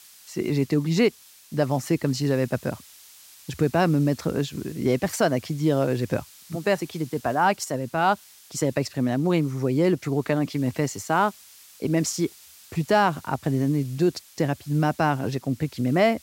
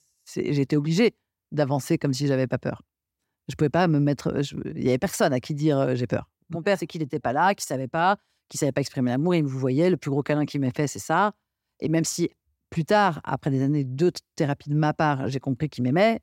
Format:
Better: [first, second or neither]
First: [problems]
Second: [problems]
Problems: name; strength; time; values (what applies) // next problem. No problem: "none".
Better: second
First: hiss; faint; throughout; 25 dB below the speech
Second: none